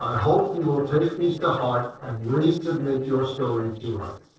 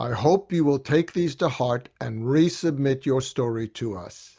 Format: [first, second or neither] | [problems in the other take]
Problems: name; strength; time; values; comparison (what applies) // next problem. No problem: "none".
second | noise reduction (neural separator model SepFormer DNS4)